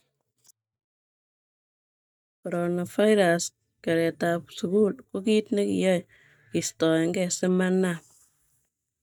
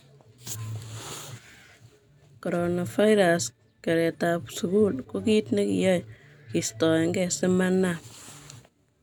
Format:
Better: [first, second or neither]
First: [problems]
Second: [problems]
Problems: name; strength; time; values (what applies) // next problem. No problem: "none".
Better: second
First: noise reduction (neural mask model DeepFilterNet 3)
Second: none